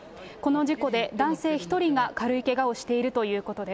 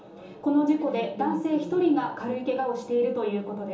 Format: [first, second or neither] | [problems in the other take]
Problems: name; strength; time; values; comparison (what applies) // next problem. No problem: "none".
first | room echo; dies away in 1.2 s